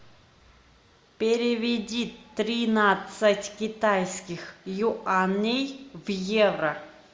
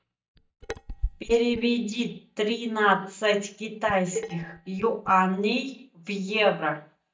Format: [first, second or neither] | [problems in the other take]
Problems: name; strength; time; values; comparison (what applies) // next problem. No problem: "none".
first | noise reduction (neural mask model DeepFilterNet 3)